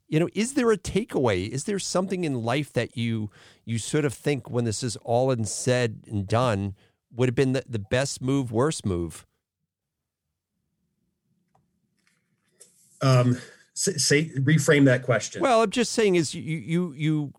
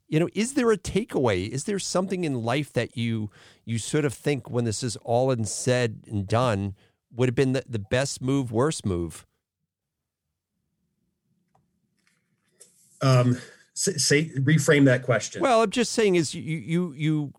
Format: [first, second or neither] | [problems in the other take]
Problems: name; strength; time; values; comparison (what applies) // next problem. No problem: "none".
neither | none